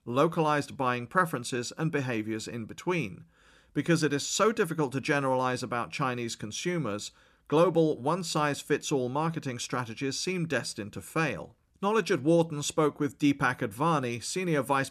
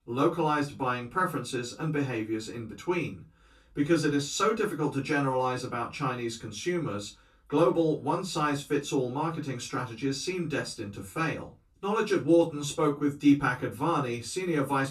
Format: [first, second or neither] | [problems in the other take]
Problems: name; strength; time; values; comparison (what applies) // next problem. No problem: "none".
first | off-mic speech; far // room echo; very slight; dies away in 0.2 s